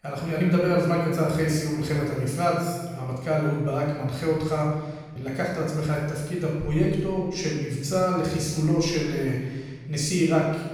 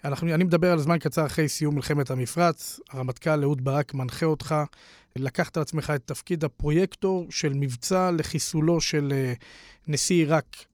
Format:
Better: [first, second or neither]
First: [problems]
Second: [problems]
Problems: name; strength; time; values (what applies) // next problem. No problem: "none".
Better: second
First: off-mic speech; far // room echo; strong; dies away in 1.2 s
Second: none